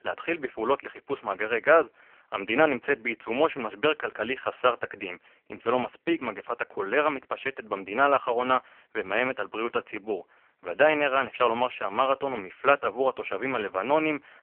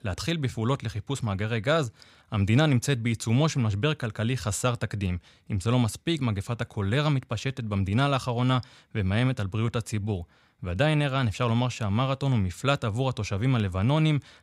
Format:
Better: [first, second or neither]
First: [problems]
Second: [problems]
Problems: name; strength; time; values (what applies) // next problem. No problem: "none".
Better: second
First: phone-call audio; poor line; nothing above 3 kHz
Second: none